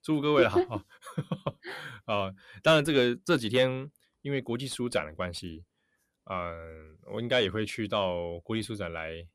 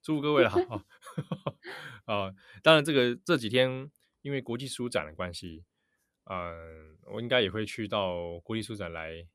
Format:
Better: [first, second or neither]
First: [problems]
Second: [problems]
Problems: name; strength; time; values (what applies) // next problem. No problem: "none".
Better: second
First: distortion; slight; 10 dB below the speech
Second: none